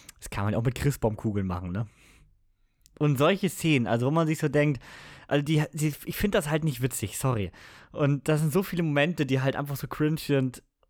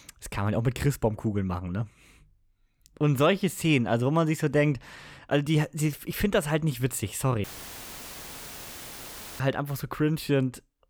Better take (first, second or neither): first